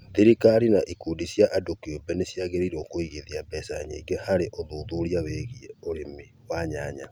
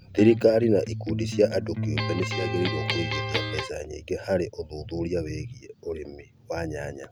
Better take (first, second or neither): first